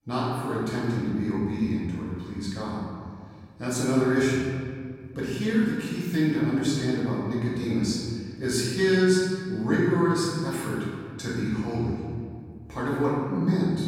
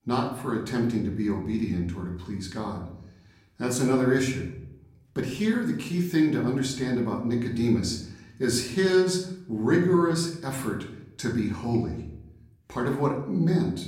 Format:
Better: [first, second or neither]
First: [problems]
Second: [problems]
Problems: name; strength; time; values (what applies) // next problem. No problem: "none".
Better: second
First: room echo; strong; dies away in 1.8 s // off-mic speech; far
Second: room echo; slight; dies away in 0.7 s // off-mic speech; far